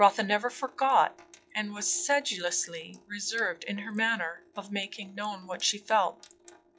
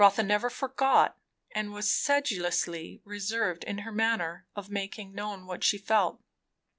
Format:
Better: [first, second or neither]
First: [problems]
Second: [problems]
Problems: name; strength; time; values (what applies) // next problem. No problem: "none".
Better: second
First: noise reduction (classical method log-MMSE)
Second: none